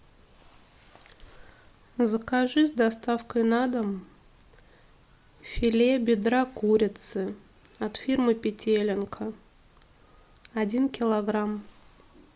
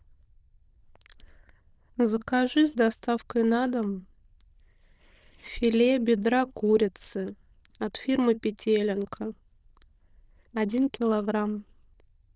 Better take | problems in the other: first | noise reduction (neural diffusion model UNIVERSE++)

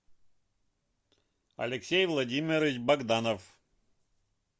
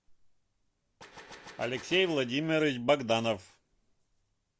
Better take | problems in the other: first | background sound (Gunshot, gunfire); 18 dB below the speech

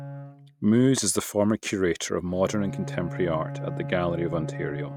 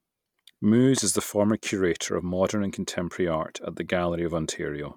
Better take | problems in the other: second | noise reduction (neural mask model RNNoise)

